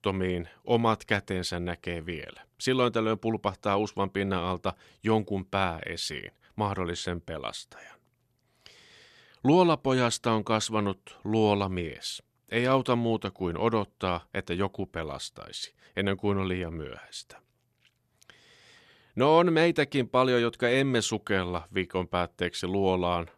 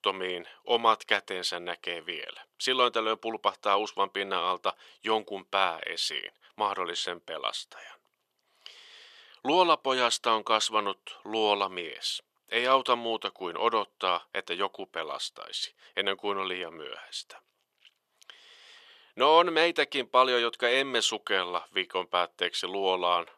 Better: first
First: none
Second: thin; very; fading below 500 Hz

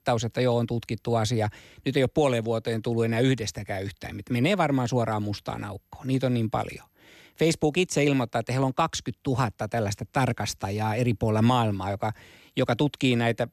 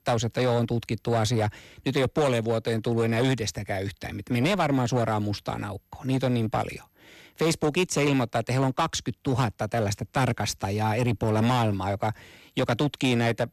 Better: first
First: none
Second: distortion; slight; 10% of the sound clipped

